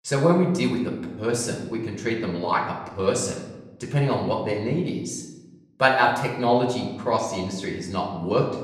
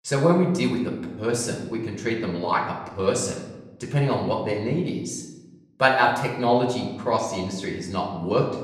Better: neither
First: off-mic speech; far // room echo; noticeable; dies away in 0.9 s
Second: off-mic speech; far // room echo; noticeable; dies away in 0.9 s

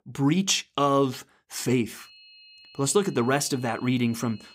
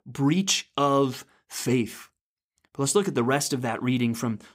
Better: second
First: high-pitched whine; faint; from 2 s on; 4 kHz, 25 dB below the speech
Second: none

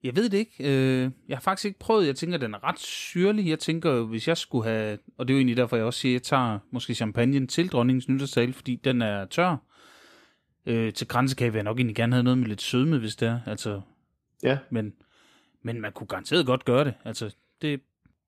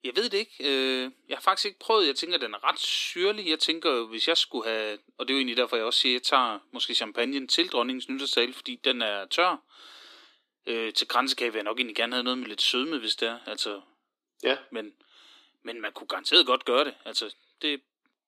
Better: first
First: none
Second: thin; somewhat; fading below 300 Hz

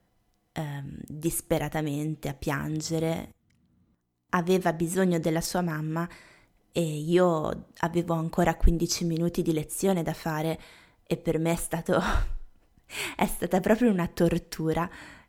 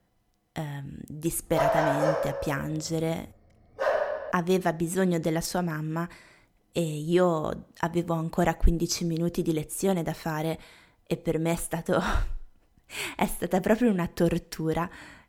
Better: first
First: none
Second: dog barking; loud; from 1.5 to 4.5 s; peak 4 dB above the speech

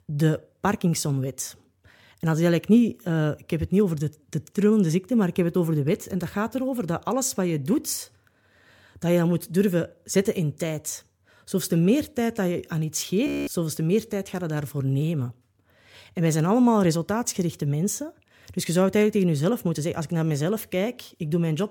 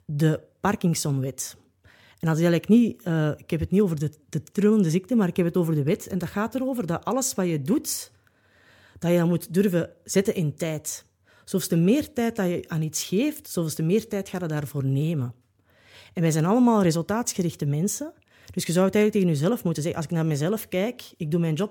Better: second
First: audio freezing; at 13 s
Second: none

